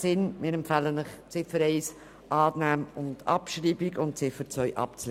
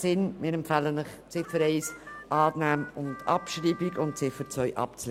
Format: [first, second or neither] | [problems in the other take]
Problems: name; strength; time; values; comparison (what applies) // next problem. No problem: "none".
first | background sound (Harmonica); 17 dB below the speech